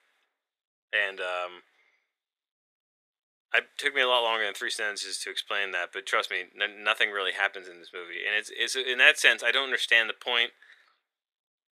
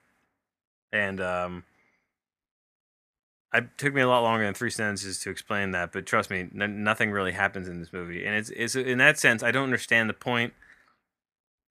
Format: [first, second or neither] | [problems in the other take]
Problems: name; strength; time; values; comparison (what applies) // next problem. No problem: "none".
second | thin; very; fading below 400 Hz